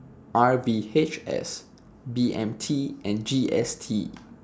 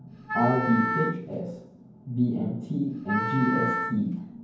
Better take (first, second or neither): first